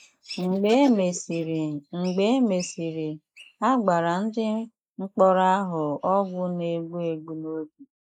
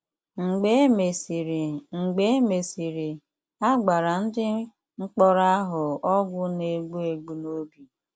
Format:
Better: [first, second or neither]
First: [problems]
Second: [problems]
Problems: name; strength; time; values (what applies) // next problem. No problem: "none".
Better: second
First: noise reduction (neural mask model Resemble Enhance denoiser)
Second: none